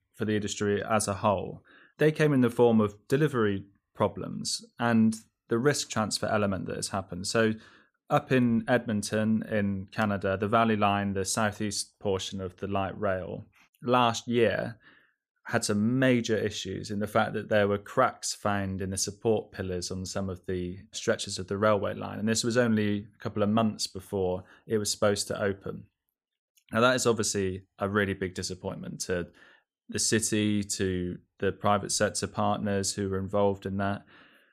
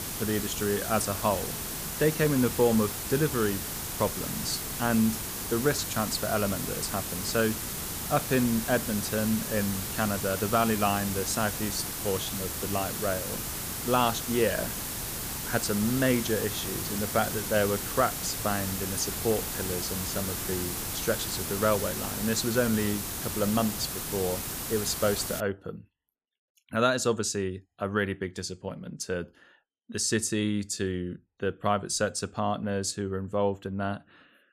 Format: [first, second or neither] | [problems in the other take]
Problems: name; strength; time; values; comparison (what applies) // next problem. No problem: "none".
first | hiss; loud; until 25 s; 3 dB below the speech